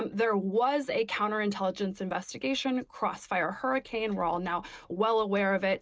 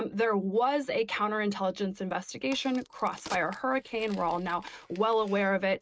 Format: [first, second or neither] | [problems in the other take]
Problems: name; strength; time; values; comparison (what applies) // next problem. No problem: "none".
first | noise reduction (neural mask model RNNoise)